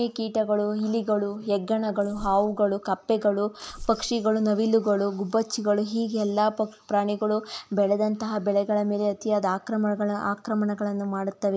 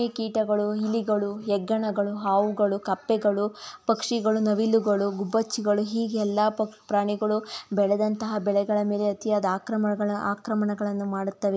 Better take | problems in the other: second | noise reduction (neural mask model Resemble Enhance denoiser)

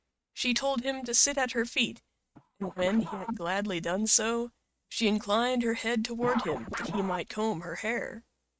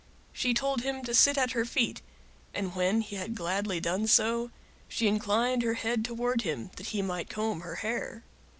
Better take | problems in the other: second | noise reduction (neural mask model RNNoise)

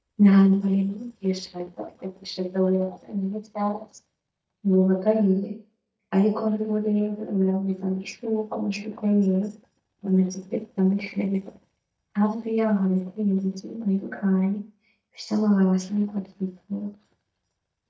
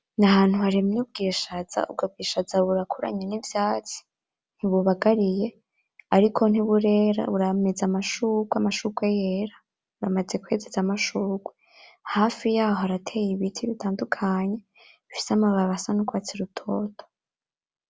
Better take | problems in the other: second | noise reduction (neural mask model DeepFilterNet 3)

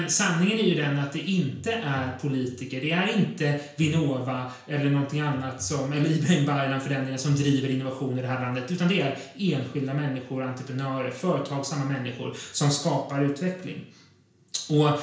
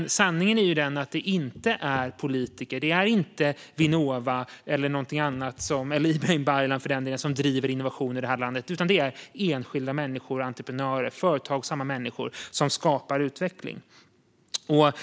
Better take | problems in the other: second | room echo; dies away in 0.5 s

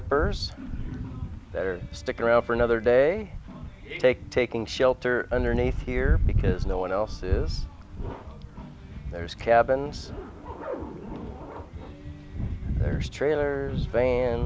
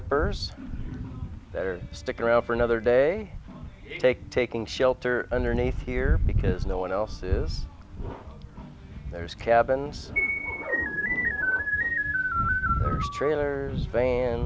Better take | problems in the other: first | background sound (Keyboard (musical)); 1 dB below the speech

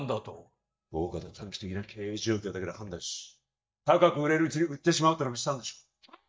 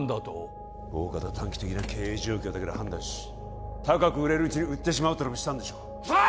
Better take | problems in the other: second | noise reduction (neural mask model DeepFilterNet 3)

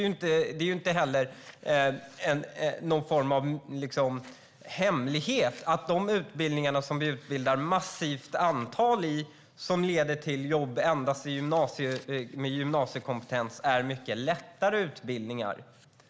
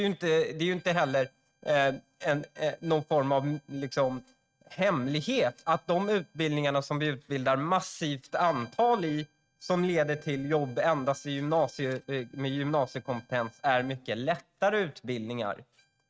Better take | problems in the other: first | noise reduction (neural mask model RNNoise)

